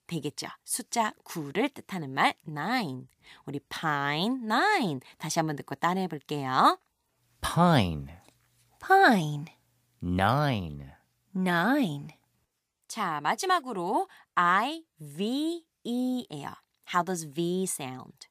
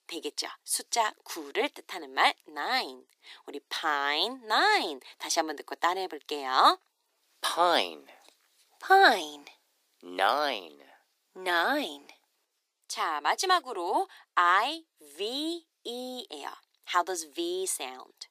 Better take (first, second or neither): first